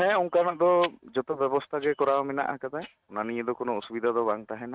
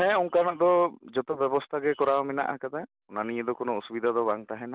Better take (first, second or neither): second